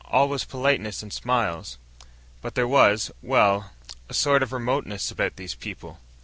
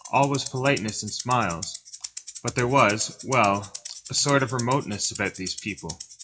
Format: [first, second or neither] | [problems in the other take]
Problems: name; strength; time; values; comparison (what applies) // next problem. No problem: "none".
first | noise reduction (classical method WPE with log-MMSE)